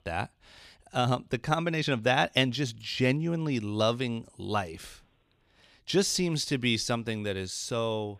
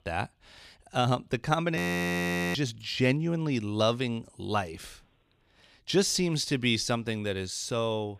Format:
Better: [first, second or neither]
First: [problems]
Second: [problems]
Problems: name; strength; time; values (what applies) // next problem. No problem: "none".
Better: first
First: none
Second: audio freezing; at 2 s for 1 s